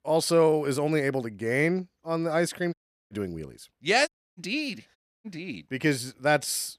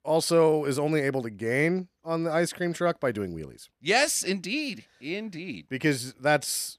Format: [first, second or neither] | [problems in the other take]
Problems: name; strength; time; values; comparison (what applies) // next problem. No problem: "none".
second | audio cutting out; at 2.5 s, at 4 s and at 5 s